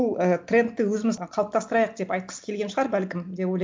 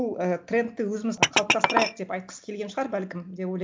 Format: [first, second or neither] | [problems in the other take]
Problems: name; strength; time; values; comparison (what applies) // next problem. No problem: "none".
first | background sound (Glass); as loud as the speech